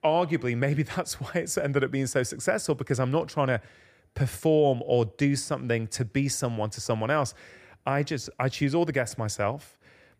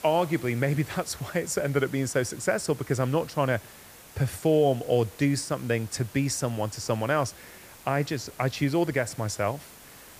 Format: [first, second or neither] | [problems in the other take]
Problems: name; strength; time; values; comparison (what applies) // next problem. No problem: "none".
first | hiss; noticeable; throughout; 20 dB below the speech